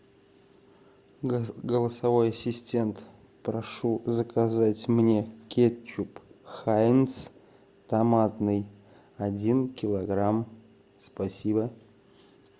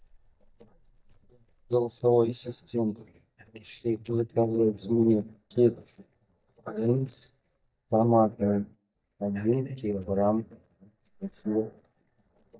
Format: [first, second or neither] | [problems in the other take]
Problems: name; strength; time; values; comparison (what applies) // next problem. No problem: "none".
first | noise reduction (neural mask model DeepFilterNet 3)